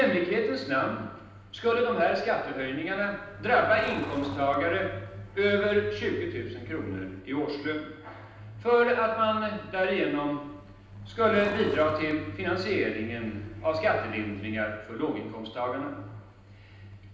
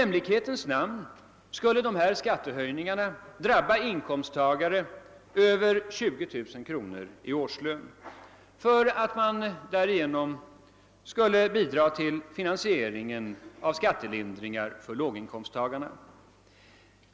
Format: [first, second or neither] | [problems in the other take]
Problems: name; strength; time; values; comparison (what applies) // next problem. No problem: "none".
second | background sound (Truck); 15 dB below the speech // room echo; dies away in 0.9 s